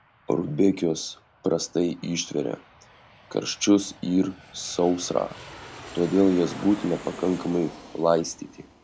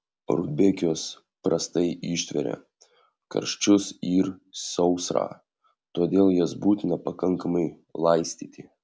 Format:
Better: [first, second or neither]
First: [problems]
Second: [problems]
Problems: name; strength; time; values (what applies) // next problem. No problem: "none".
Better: second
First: background sound (Aircraft); 19 dB below the speech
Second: none